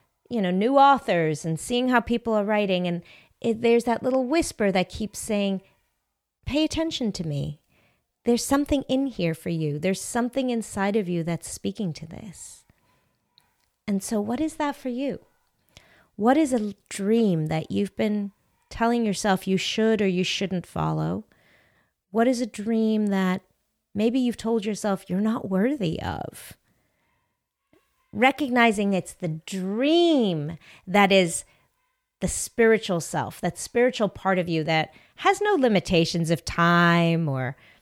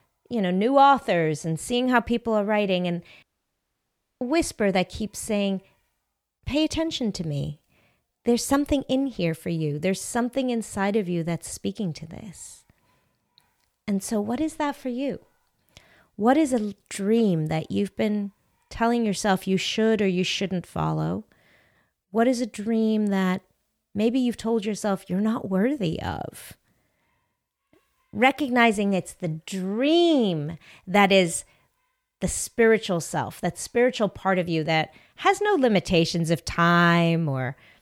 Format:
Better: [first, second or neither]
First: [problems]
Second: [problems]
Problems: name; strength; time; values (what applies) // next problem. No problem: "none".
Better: first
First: none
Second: audio cutting out; at 3 s for 1 s